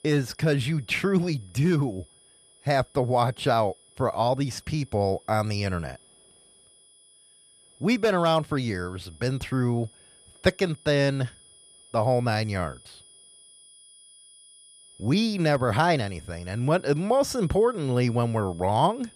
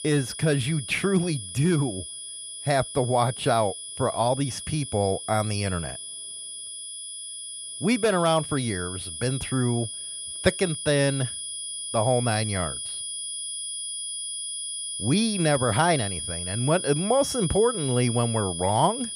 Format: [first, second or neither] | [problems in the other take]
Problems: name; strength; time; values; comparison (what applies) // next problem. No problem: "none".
first | high-pitched whine; loud; throughout; 9.5 kHz, 7 dB below the speech; faint in the first